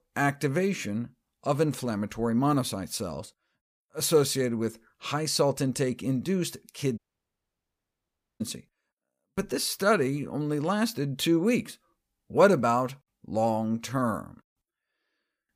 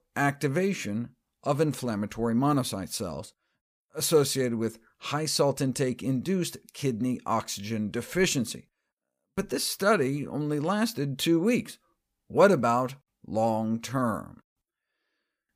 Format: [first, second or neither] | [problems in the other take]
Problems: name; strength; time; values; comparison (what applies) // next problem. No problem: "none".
second | audio cutting out; at 7 s for 1.5 s